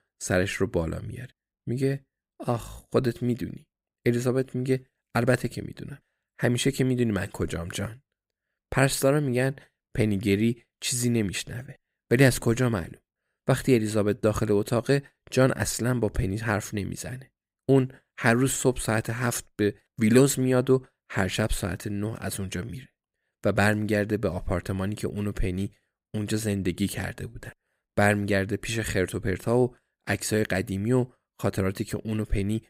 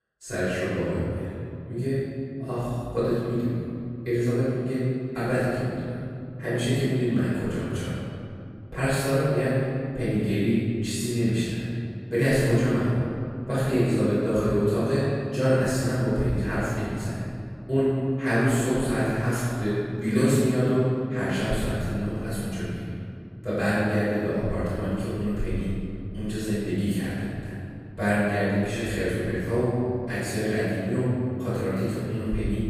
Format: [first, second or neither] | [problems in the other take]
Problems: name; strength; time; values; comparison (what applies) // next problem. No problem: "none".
first | off-mic speech; far // room echo; strong; dies away in 2.5 s